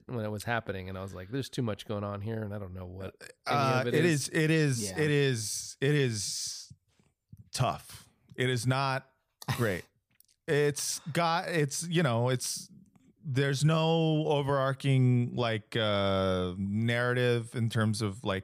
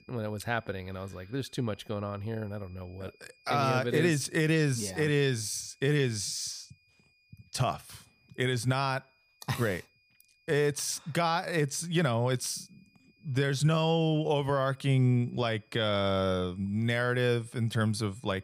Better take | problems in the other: first | high-pitched whine; faint; throughout; 2.5 kHz, 35 dB below the speech

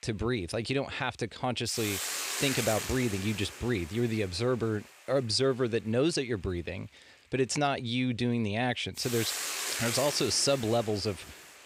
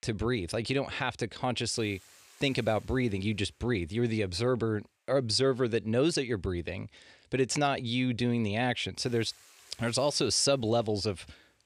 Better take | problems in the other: second | hiss; loud; throughout; 5 dB below the speech; faint in the second

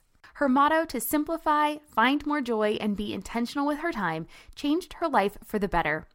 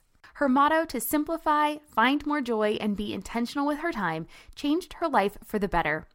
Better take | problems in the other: neither | none

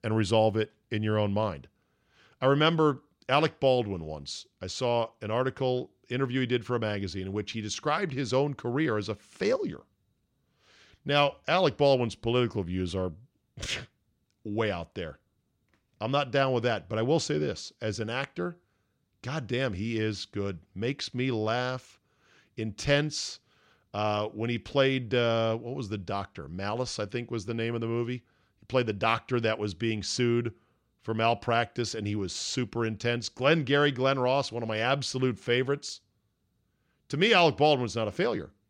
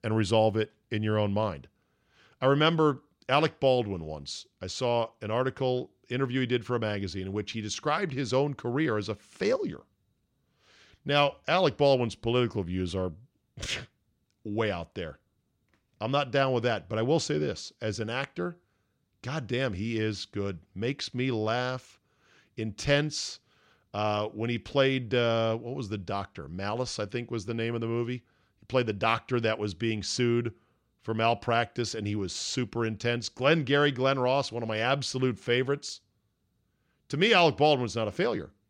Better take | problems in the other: neither | none

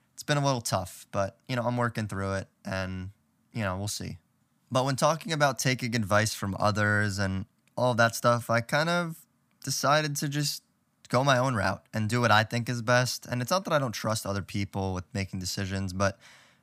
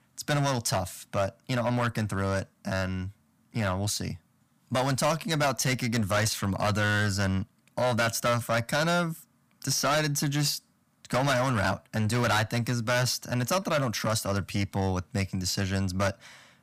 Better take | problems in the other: first | distortion; heavy; 10% of the sound clipped

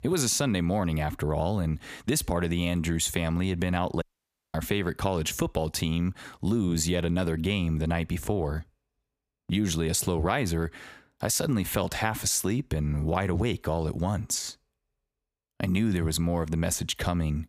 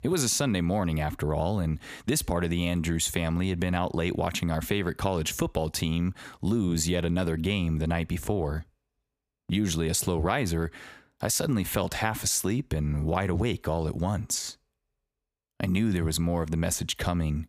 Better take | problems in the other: second | audio cutting out; at 4 s for 0.5 s

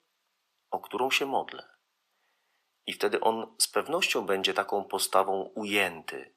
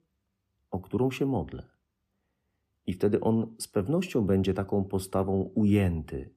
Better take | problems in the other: second | thin; very; fading below 900 Hz

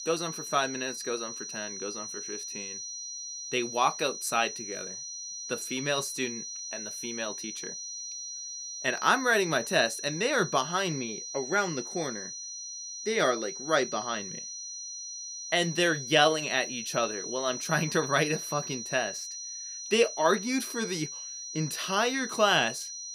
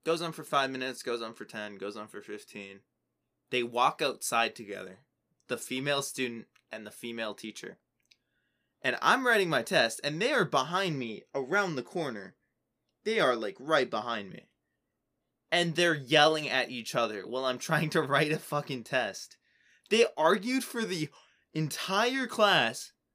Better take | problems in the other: second | high-pitched whine; loud; throughout; 6 kHz, 8 dB below the speech

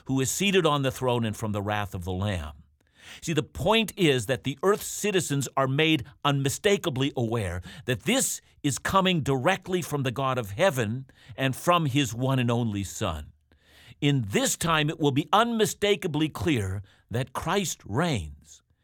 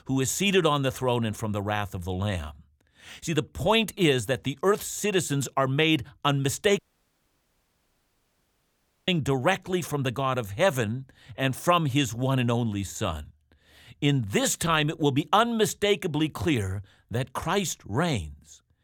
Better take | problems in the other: first | audio cutting out; at 7 s for 2.5 s

